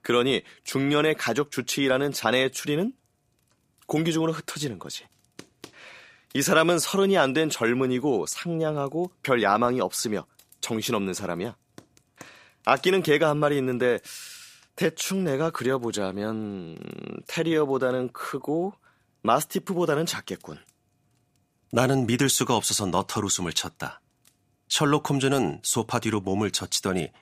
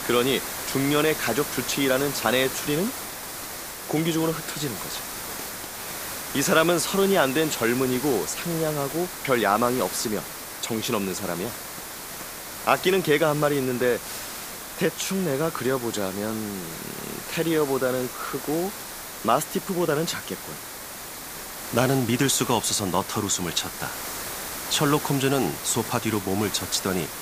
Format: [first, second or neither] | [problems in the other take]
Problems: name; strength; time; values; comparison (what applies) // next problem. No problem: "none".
first | hiss; loud; throughout; 8 dB below the speech